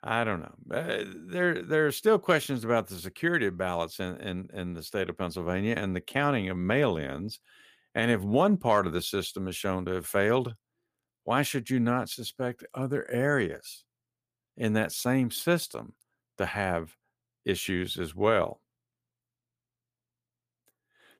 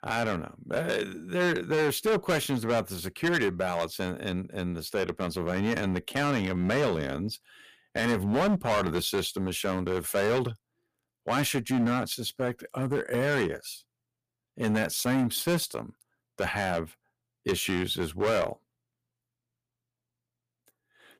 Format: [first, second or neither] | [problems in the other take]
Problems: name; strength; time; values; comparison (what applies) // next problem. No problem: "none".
first | distortion; heavy; 8% of the sound clipped